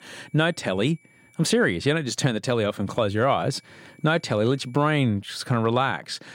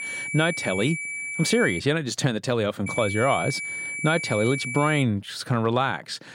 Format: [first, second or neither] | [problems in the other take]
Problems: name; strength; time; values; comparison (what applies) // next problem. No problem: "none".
first | high-pitched whine; loud; until 2 s and from 3 to 5 s; 2.5 kHz, 5 dB below the speech; faint in the first